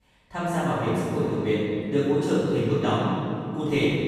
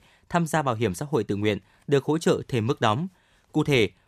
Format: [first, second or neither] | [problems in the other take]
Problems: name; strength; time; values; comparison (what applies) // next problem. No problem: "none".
second | room echo; strong; dies away in 2.8 s // off-mic speech; far